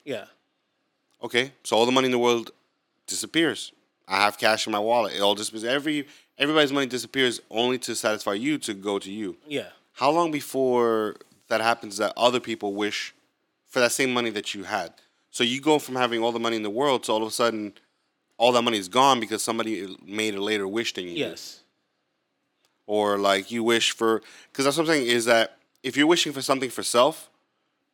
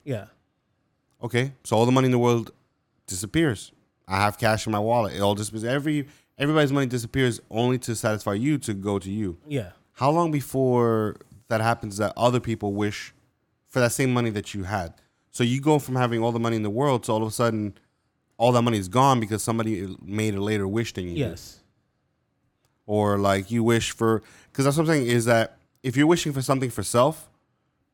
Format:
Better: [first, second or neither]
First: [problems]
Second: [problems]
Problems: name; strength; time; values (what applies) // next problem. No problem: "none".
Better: second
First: thin; very slightly; fading below 350 Hz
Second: none